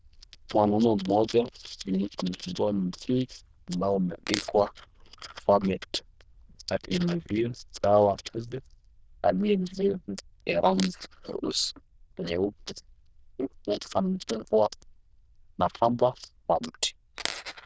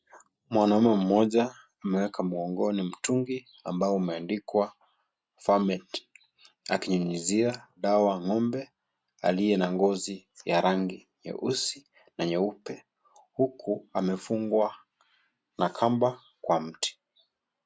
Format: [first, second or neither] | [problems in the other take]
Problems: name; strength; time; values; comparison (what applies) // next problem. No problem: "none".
second | noise reduction (neural diffusion model UNIVERSE++)